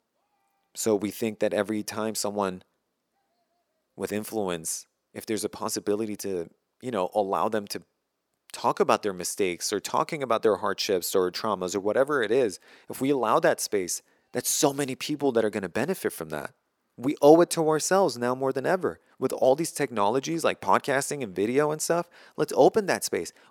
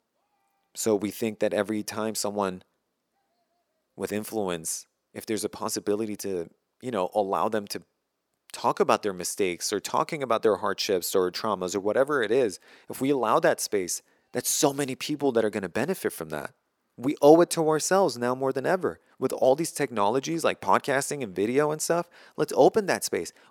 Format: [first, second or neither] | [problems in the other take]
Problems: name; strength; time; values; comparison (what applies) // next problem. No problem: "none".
neither | thin; somewhat; fading below 350 Hz; the same in both